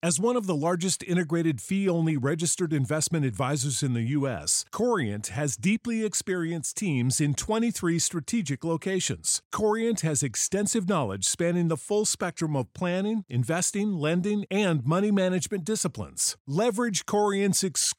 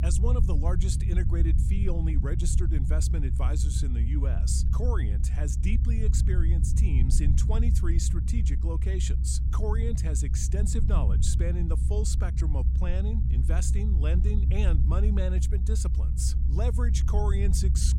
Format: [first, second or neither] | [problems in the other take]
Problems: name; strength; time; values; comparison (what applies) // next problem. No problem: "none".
first | low rumble; loud; throughout; 5 dB below the speech